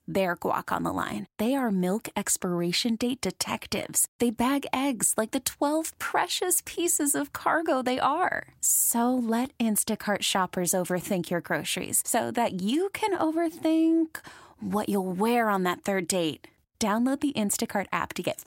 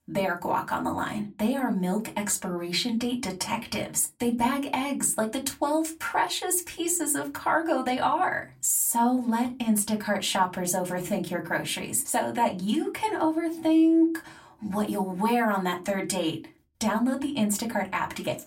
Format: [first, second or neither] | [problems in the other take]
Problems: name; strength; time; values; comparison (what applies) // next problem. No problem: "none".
first | off-mic speech; somewhat distant // room echo; very slight; dies away in 0.2 s